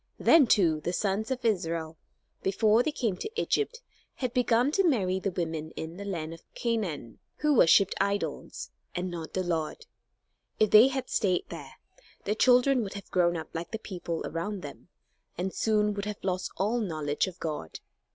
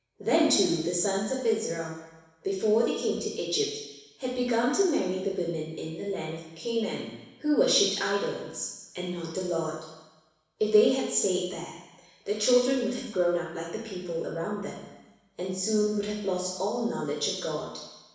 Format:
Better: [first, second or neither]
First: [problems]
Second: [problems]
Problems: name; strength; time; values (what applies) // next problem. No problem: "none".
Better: first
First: none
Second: room echo; dies away in 1.1 s